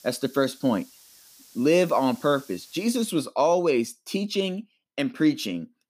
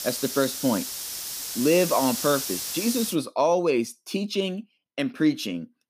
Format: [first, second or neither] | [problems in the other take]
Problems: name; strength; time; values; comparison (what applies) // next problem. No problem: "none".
first | hiss; loud; until 3 s; 4 dB below the speech; faint in the first